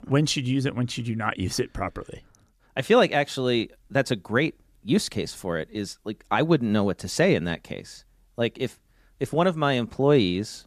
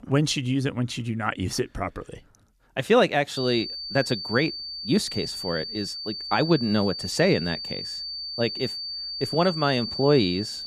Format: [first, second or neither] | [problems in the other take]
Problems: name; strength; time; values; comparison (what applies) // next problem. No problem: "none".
first | high-pitched whine; loud; from 3.5 s on; 4.5 kHz, 6 dB below the speech